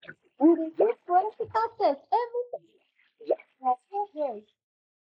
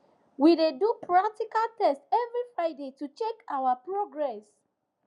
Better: second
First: noise reduction (neural mask model Resemble Enhance denoiser)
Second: none

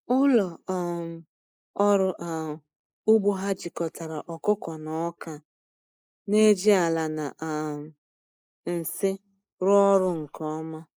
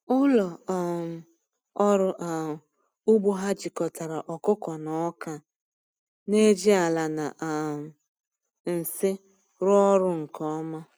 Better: second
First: noise reduction (neural mask model Resemble Enhance denoiser)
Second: none

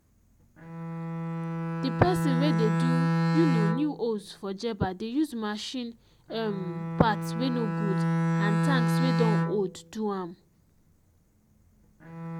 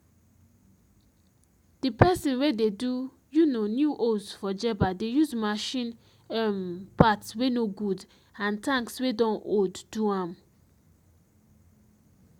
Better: second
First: background sound (Bowed string instrument); 2 dB above the speech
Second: none

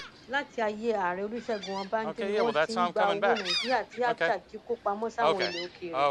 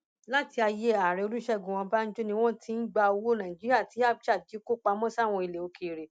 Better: second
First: background sound (Gull, seagull); 1 dB below the speech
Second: none

